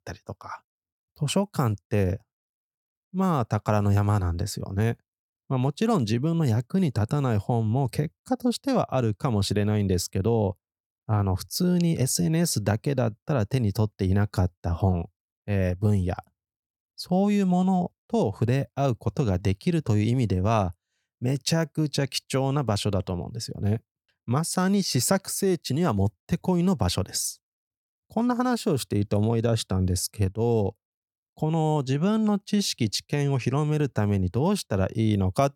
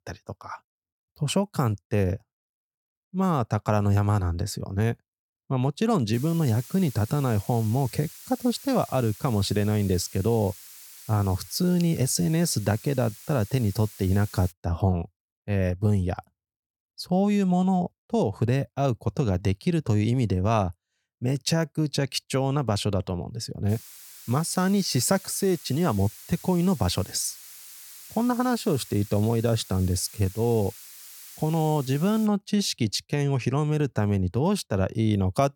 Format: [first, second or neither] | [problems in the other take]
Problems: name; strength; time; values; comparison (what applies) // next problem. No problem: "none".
first | hiss; noticeable; from 6 to 15 s and from 24 to 32 s; 15 dB below the speech